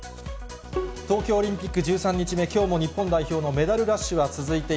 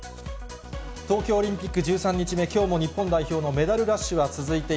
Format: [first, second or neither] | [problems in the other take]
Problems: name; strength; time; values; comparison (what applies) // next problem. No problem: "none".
second | background sound (Bowed string instrument); 15 dB below the speech